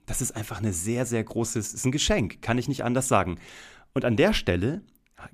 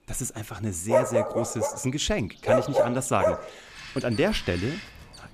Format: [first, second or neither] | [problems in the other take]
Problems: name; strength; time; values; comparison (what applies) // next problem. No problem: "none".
first | animal sounds; very loud; throughout; 1 dB above the speech